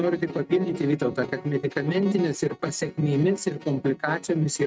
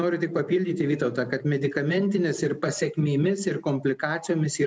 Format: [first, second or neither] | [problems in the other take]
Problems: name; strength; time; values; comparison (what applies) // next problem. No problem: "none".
second | noise reduction (neural mask model RNNoise)